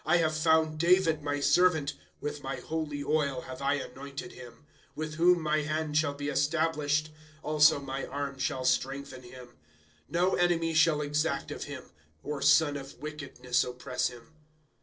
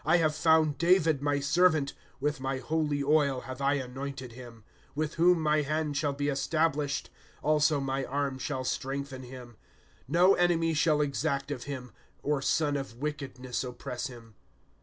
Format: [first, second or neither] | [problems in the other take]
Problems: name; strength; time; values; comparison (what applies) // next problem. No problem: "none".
second | noise reduction (neural separator model SepFormer DNS4)